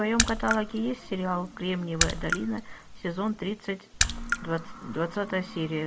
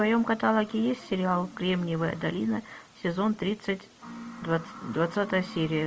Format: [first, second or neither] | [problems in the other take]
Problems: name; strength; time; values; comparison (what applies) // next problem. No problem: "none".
second | background sound (Raindrop / Splash, splatter); 3 dB below the speech